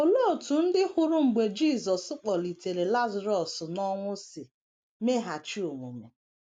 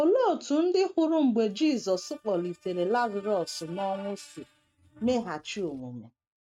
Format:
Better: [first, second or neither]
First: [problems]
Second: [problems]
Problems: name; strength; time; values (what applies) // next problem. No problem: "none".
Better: first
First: none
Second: noise reduction (neural mask model RNNoise)